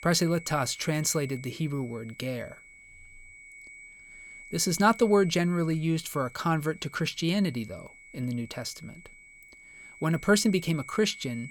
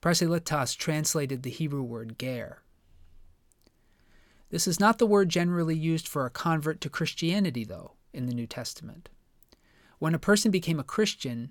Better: second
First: high-pitched whine; noticeable; throughout; 2 kHz, 20 dB below the speech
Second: none

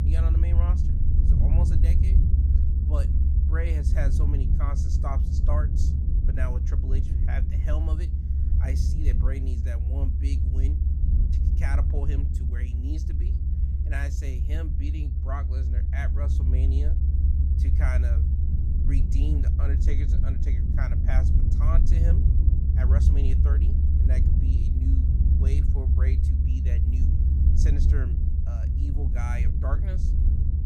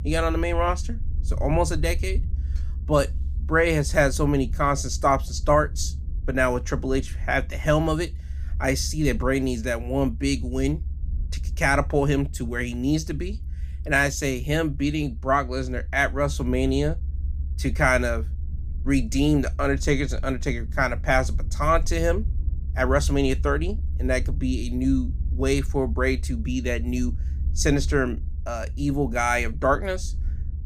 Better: second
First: low rumble; loud; throughout; as loud as the speech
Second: low rumble; faint; throughout; 25 dB below the speech

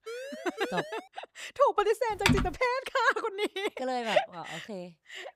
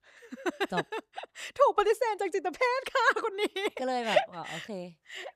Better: second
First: siren; faint; until 1 s; peak 10 dB below the speech // keyboard typing; loud; at 2.5 s; peak 3 dB above the speech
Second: none

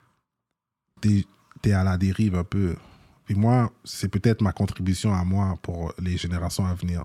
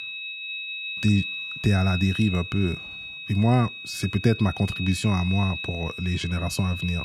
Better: first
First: none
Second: high-pitched whine; loud; throughout; 2.5 kHz, 7 dB below the speech

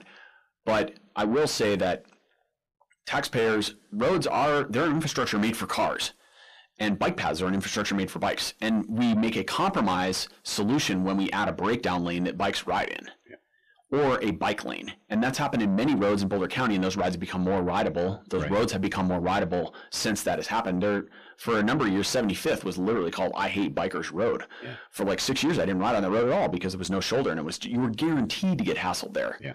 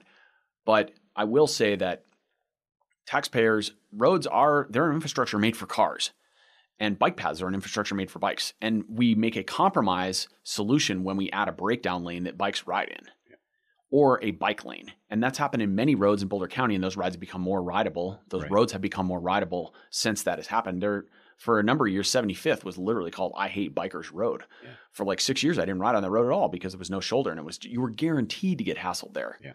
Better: second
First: distortion; heavy; 6 dB below the speech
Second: none

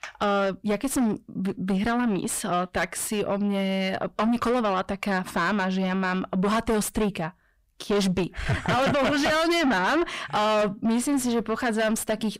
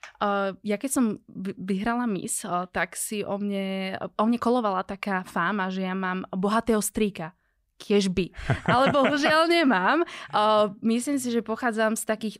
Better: second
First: distortion; heavy; 6 dB below the speech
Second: none

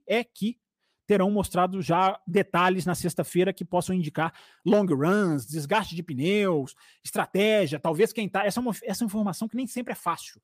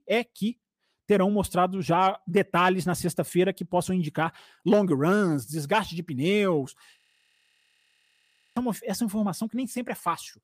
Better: first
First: none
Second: audio freezing; at 7 s for 1.5 s

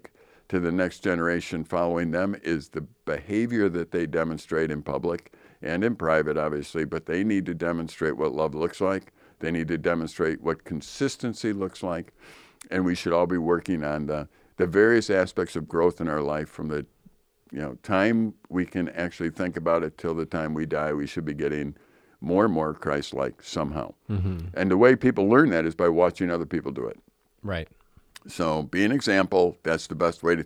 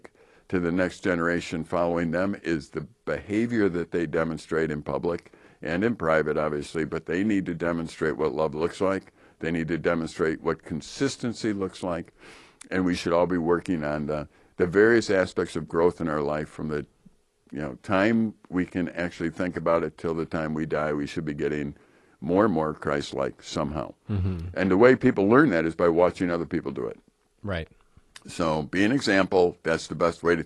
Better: first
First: none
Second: garbled, watery; slightly

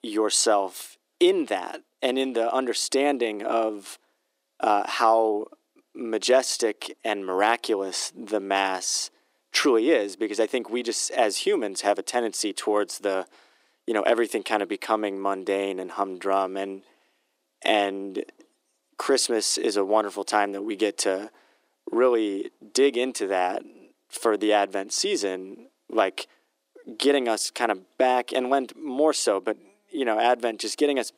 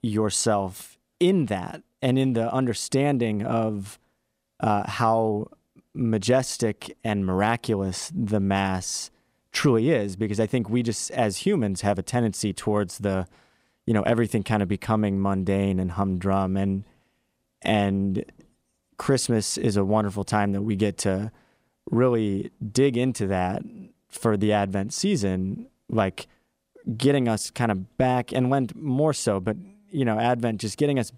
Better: second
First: thin; somewhat; fading below 300 Hz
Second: none

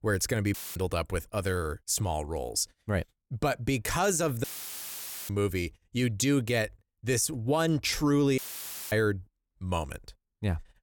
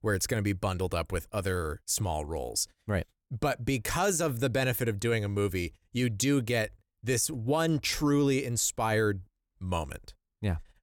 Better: second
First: audio cutting out; filled with static; at 0.5 s, at 4.5 s for 1 s and at 8.5 s for 0.5 s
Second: none

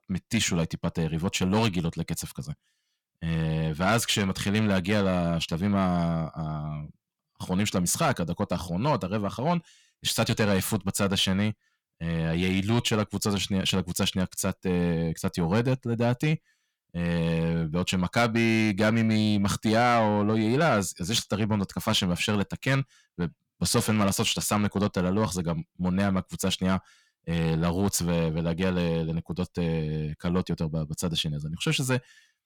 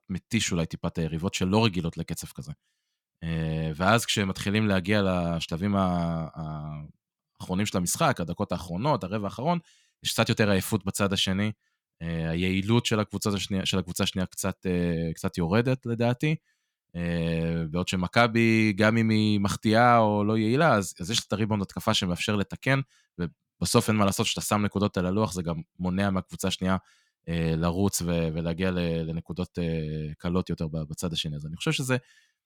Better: second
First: distortion; slight; 10 dB below the speech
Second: none

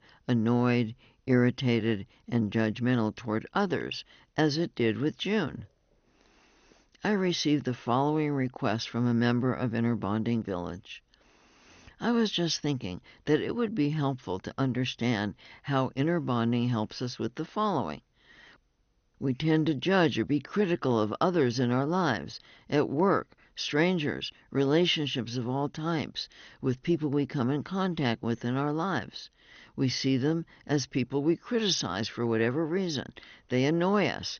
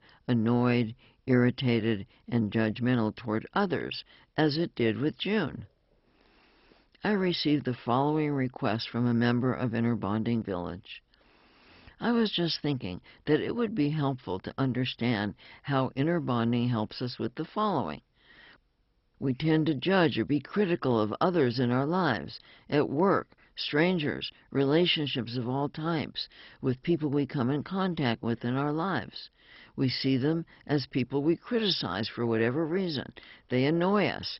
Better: first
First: garbled, watery; slightly; nothing above 6.5 kHz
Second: garbled, watery; badly; nothing above 5.5 kHz

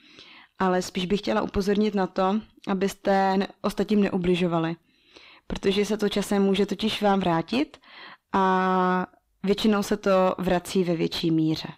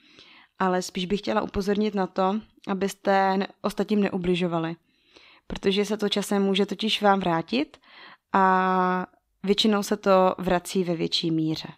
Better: second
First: distortion; slight; 10 dB below the speech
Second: none

